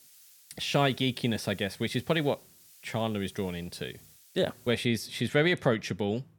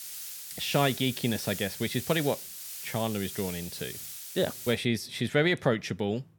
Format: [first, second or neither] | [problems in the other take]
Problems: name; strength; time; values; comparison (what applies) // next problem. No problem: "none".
first | hiss; loud; until 4.5 s; 8 dB below the speech; faint in the first